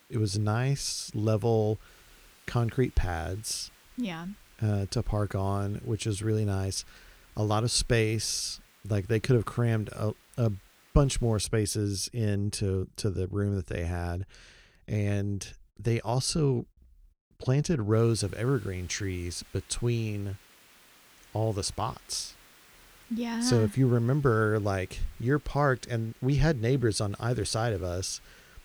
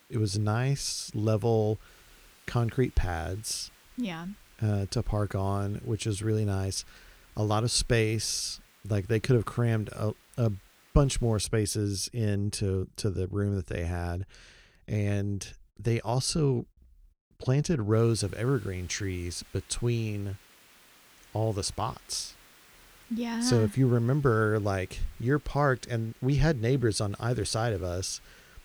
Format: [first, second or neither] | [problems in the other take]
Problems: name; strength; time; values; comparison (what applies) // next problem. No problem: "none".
neither | hiss; faint; until 11 s and from 18 s on; 25 dB below the speech; the same in both